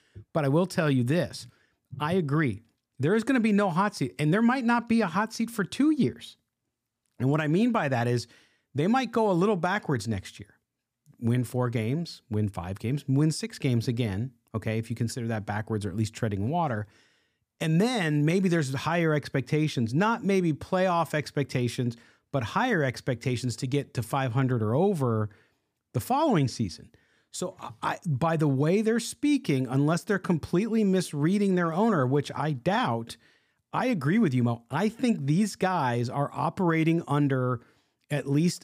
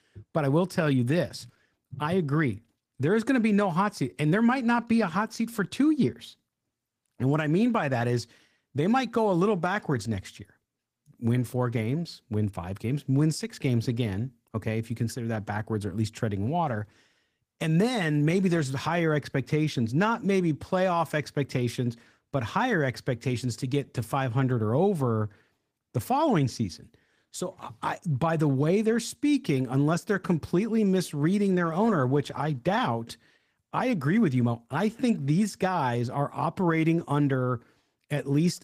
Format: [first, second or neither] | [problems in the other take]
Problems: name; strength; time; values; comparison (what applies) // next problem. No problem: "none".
first | garbled, watery; slightly; nothing above 15 kHz